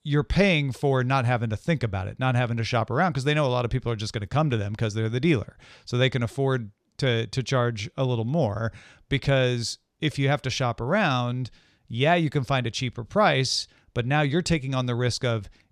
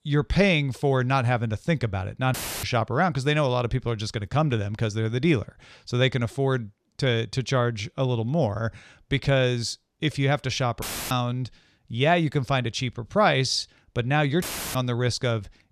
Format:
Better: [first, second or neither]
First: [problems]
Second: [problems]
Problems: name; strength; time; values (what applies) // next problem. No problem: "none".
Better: first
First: none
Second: audio cutting out; filled with static; at 2.5 s, at 11 s and at 14 s